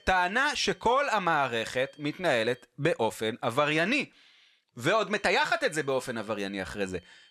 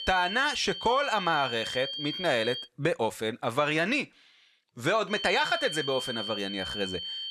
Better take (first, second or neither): first